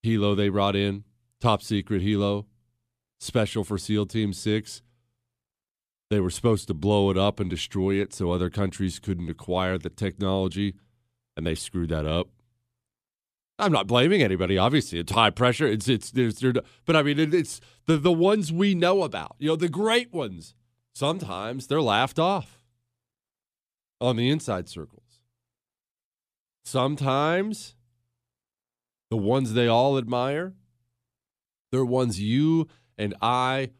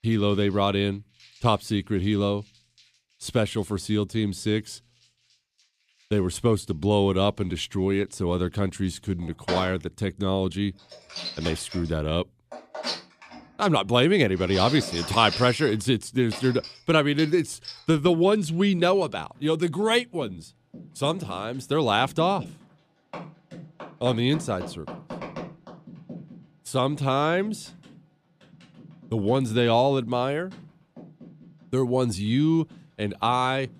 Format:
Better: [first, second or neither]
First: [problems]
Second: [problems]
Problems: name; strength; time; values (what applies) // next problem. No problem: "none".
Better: first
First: none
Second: household noises; noticeable; throughout; 15 dB below the speech